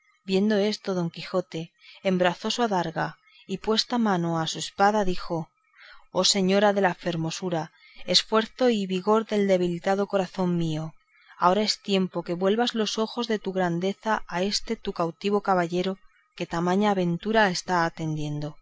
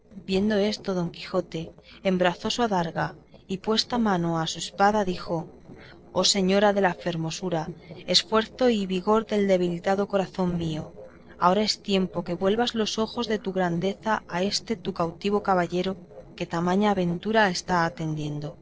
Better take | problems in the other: first | noise reduction (neural separator model SepFormer DNS4)

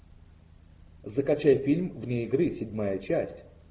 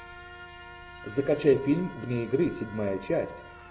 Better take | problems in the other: first | background sound (Trumpet + Alarm); 17 dB below the speech

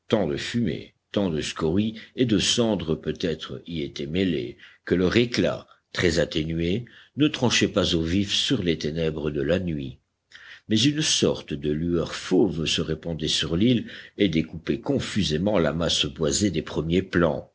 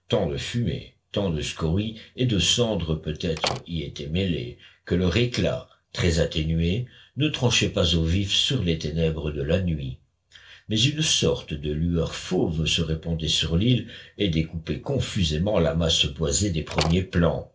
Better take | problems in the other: first | background sound (Slam); 9 dB below the speech // room echo; dies away in 0.2 s

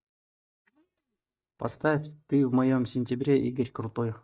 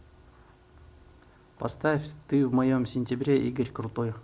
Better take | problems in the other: second | noise reduction (neural mask model DeepFilterNet 3)

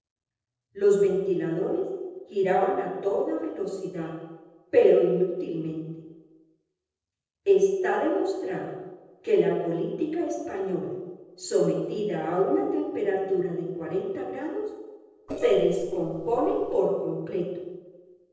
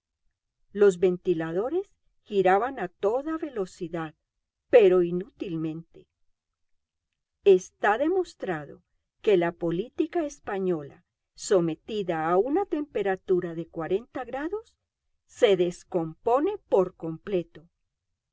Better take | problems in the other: second | noise reduction (neural separator model SepFormer DNS4)

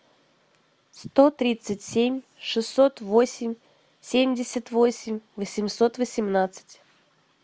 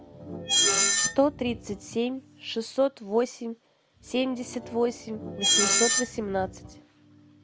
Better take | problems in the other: first | background sound (Screech); 1 dB above the speech

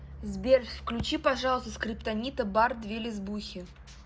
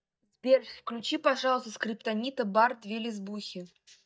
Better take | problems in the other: first | noise reduction (neural mask model DeepFilterNet 3)

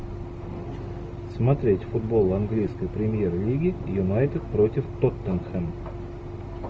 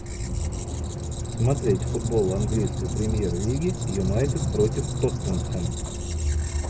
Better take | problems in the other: first | background sound (Squeak); as loud as the speech

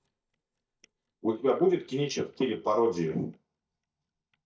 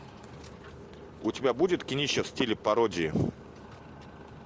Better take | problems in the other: second | noise reduction (neural mask model DeepFilterNet 3)

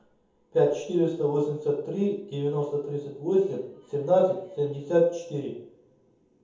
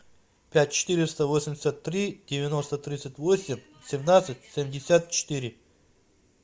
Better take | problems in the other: second | room echo; dies away in 0.7 s

